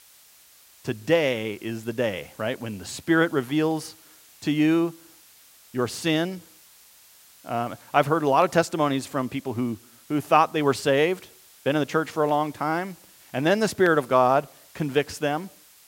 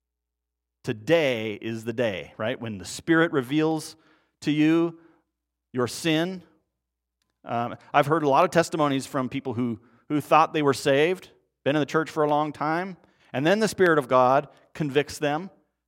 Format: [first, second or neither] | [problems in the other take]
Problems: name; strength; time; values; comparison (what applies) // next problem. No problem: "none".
second | hiss; faint; throughout; 25 dB below the speech